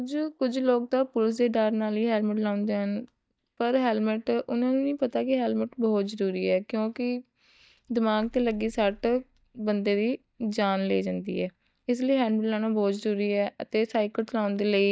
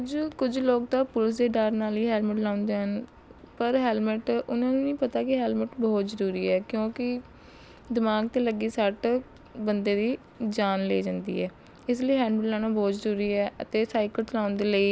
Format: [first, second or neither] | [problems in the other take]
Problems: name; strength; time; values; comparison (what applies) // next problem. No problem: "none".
second | noise reduction (neural mask model DeepFilterNet 3)